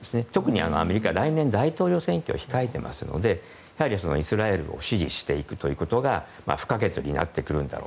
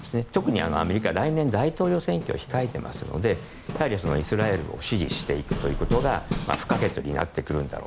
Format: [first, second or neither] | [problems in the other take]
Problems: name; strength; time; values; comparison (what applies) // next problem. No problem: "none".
first | background sound (Hammer); 8 dB below the speech